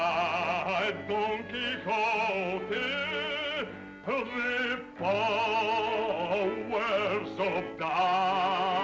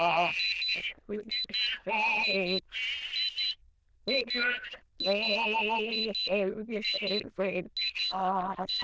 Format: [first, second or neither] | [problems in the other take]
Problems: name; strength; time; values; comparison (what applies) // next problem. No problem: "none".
first | noise reduction (neural diffusion model UNIVERSE++)